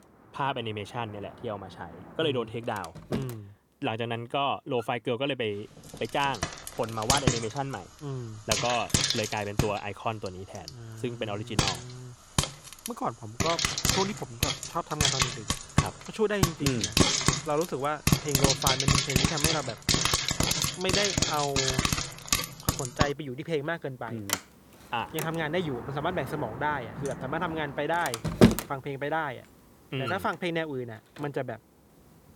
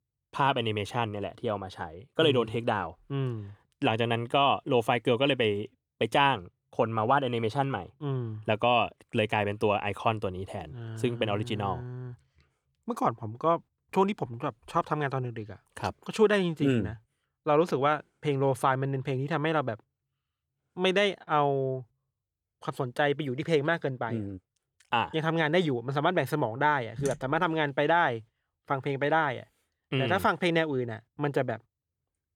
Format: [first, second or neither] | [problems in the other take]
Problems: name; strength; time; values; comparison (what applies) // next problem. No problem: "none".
second | household noises; very loud; throughout; 5 dB above the speech